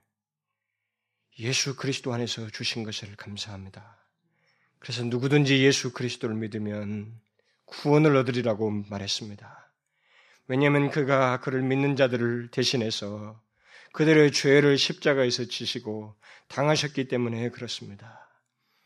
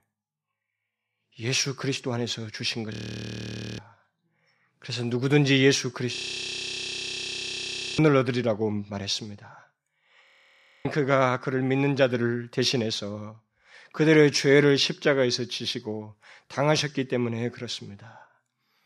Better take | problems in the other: first | audio freezing; at 3 s for 1 s, at 6 s for 2 s and at 10 s for 0.5 s

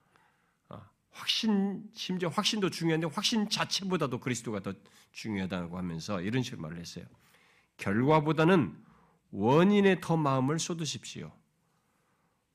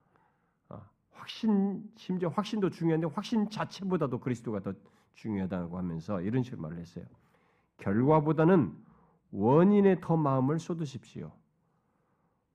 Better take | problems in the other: first | muffled; slightly; fading above 2 kHz

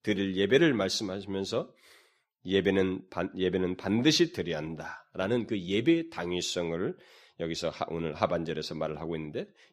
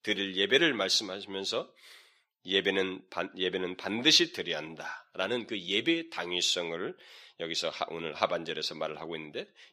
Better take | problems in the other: first | thin; somewhat; fading below 650 Hz

